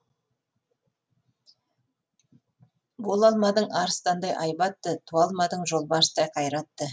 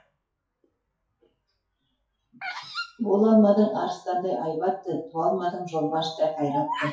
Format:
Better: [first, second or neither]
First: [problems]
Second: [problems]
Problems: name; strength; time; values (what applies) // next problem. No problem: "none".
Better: first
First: none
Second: noise reduction (classical method WPE with log-MMSE)